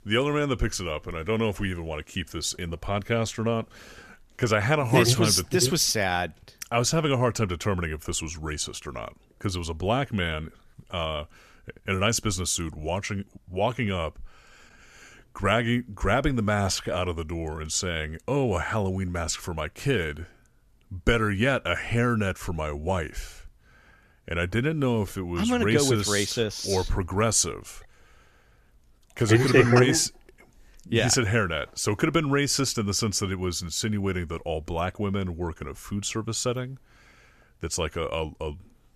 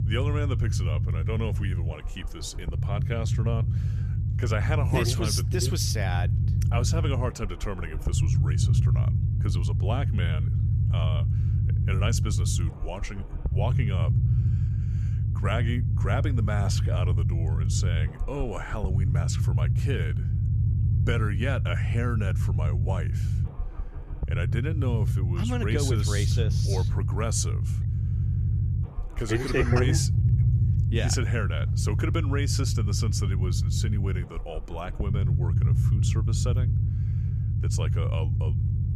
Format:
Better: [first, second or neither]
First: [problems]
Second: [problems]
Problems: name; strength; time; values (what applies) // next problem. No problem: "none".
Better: first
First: none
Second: low rumble; loud; throughout; 6 dB below the speech